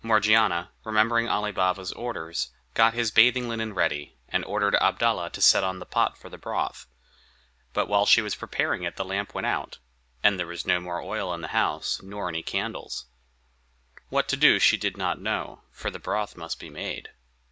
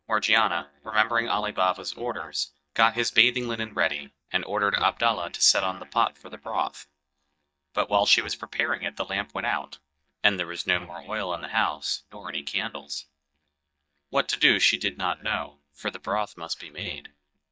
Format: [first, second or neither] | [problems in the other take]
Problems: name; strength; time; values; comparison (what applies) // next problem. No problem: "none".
first | noise reduction (neural mask model DeepFilterNet 3)